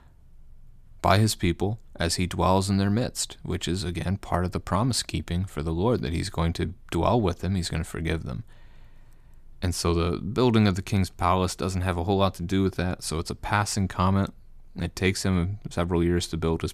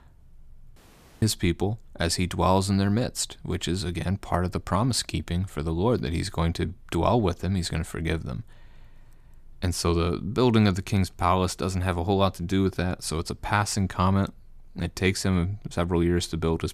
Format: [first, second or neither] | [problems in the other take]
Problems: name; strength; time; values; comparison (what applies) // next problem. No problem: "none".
first | audio cutting out; at 1 s